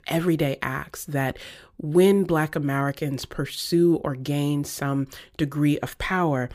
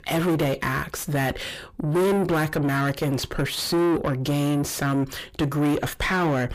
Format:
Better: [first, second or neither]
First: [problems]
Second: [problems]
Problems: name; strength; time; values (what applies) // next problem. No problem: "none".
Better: first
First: none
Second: distortion; heavy; 4 dB below the speech